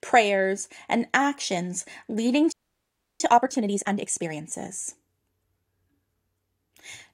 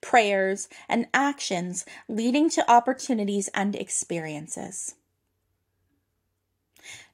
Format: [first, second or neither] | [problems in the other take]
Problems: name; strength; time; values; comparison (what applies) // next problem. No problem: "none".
second | audio freezing; at 2.5 s for 0.5 s